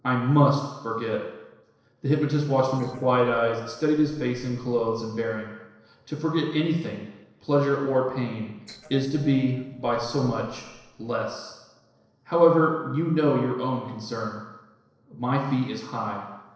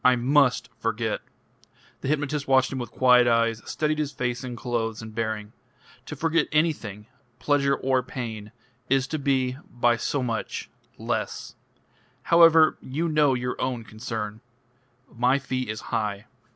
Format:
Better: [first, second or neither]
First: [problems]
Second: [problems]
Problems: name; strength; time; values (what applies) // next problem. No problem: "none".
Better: second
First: noise reduction (neural separator model SepFormer DNS4)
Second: none